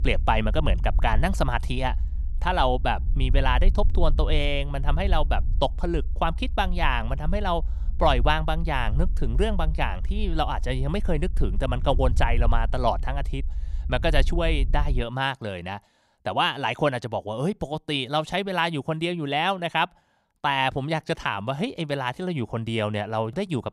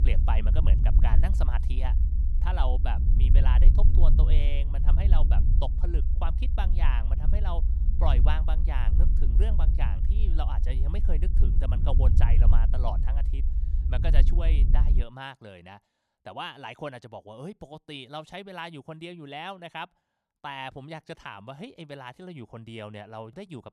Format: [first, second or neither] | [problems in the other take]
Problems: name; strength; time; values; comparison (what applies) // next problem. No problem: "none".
first | low rumble; loud; until 15 s; 7 dB below the speech; faint in the first